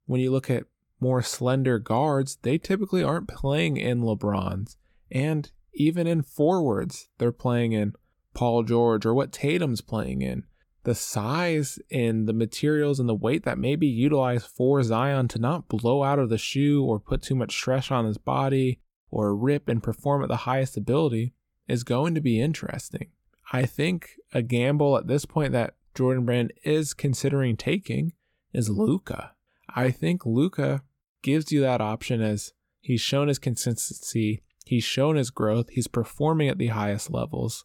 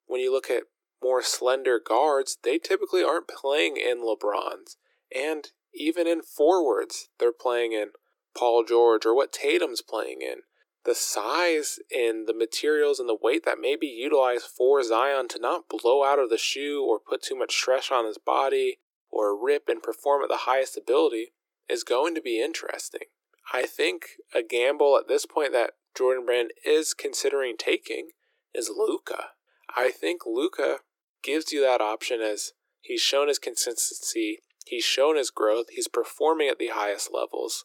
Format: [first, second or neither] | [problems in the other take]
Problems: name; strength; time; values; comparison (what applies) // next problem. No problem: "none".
first | thin; very; fading below 350 Hz